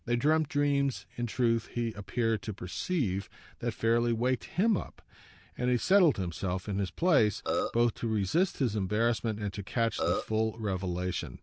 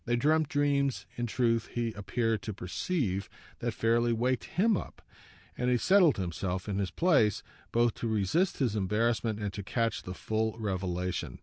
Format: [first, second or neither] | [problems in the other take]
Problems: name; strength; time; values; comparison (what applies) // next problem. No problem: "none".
second | background sound (Burping, eructation); 3 dB below the speech